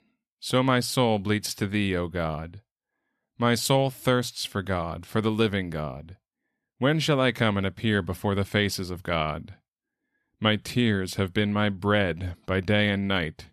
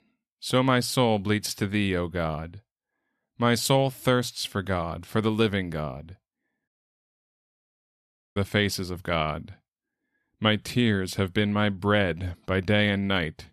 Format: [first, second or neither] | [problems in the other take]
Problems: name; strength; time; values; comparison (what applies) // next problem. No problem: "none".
first | audio cutting out; at 6.5 s for 1.5 s